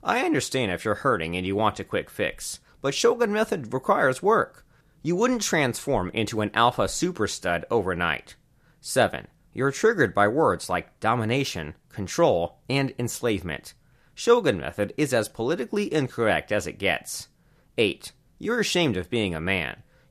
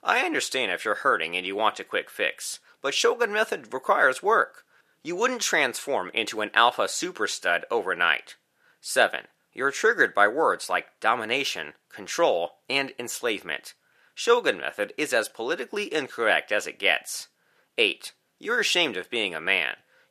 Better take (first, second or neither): first